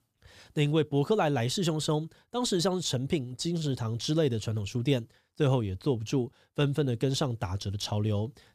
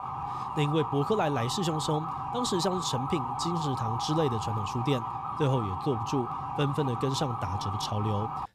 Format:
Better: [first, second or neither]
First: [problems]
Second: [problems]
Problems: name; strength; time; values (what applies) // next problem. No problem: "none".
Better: first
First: none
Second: siren; noticeable; peak 2 dB below the speech